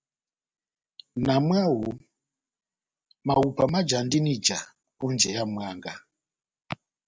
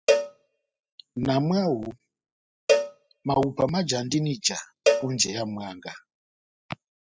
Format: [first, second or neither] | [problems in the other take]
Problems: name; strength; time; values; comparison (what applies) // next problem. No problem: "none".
first | noise reduction (classical method spectral subtraction)